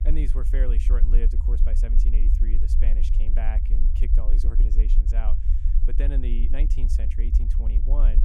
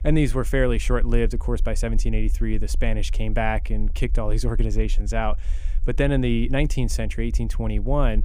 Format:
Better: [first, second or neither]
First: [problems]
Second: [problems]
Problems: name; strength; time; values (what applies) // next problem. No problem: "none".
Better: second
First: low rumble; loud; throughout; 5 dB below the speech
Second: low rumble; faint; throughout; 25 dB below the speech